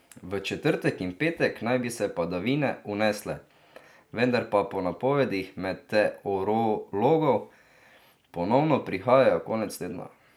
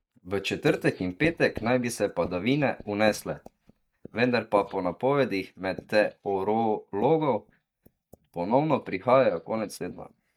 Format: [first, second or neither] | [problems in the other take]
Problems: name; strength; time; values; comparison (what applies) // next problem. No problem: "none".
first | noise reduction (neural mask model DeepFilterNet 3)